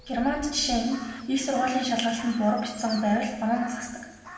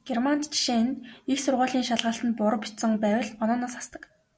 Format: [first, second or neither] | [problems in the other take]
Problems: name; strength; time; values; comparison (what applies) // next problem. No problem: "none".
second | background sound (Crow); 17 dB below the speech // room echo; dies away in 1.3 s